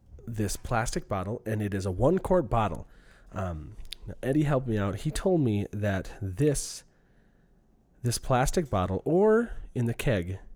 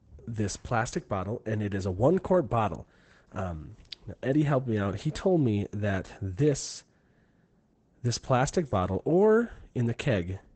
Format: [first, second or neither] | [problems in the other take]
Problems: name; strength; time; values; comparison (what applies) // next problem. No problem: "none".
first | garbled, watery; badly; nothing above 8 kHz